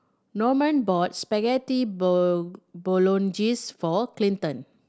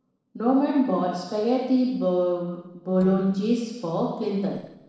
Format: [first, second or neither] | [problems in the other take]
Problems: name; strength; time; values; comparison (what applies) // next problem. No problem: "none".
first | noise reduction (neural separator model SepFormer DNS4)